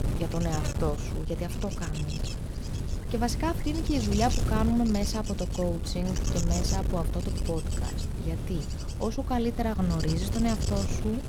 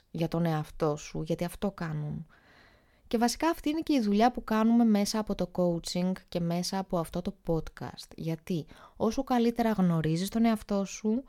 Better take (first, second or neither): second